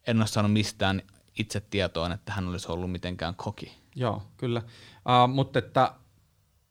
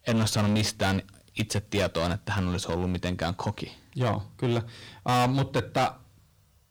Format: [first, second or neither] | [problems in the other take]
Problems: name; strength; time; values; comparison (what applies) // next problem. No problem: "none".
first | distortion; heavy; 11% of the sound clipped